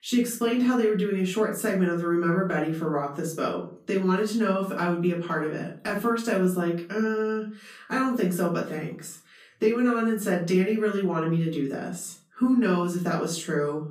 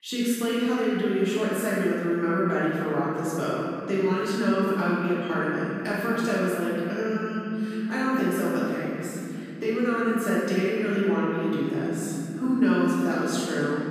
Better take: first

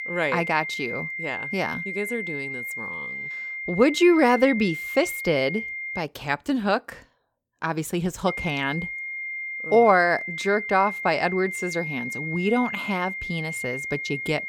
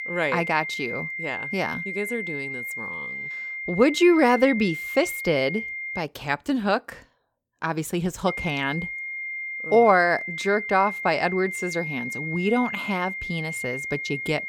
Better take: neither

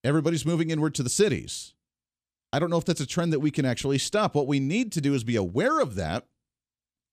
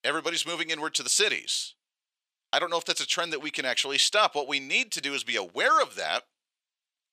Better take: first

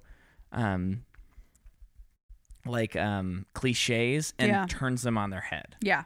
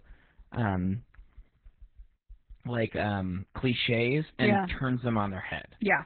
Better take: first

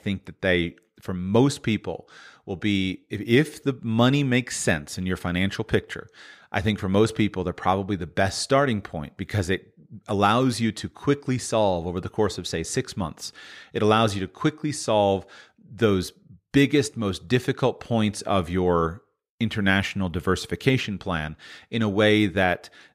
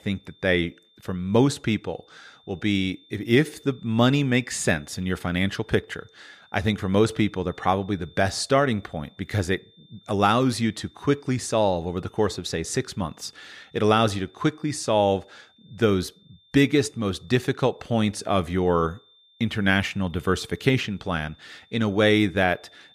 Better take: first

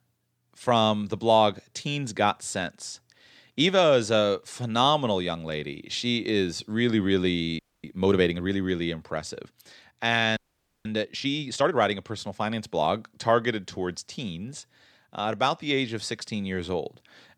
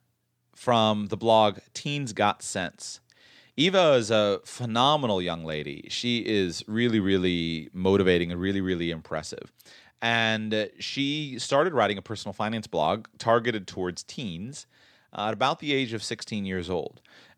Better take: second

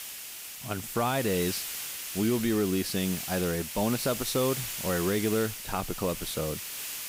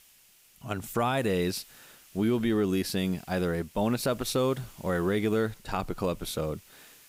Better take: second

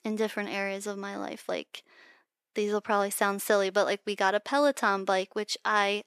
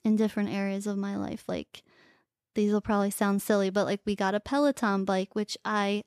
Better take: second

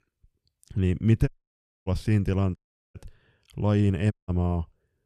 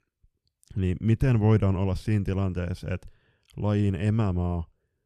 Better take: second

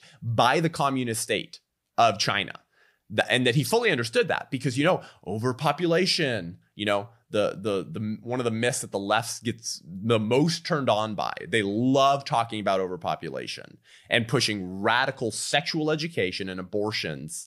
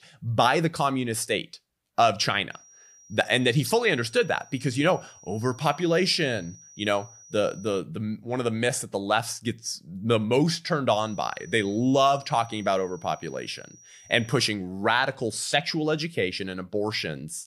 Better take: first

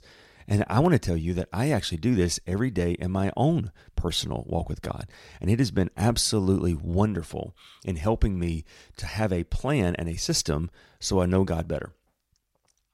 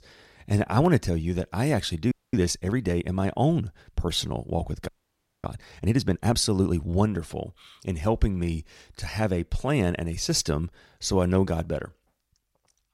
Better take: first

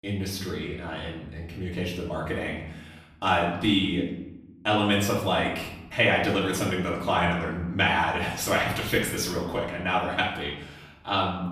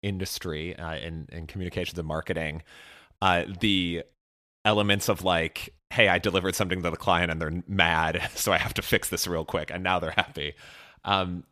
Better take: second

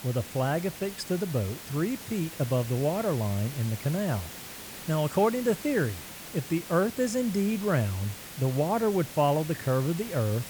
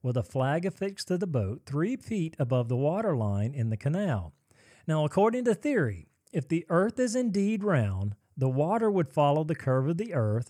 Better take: second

